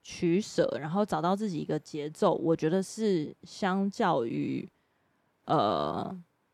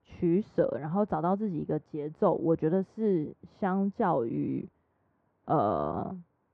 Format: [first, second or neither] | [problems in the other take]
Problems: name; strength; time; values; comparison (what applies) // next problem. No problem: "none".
first | muffled; very; fading above 1 kHz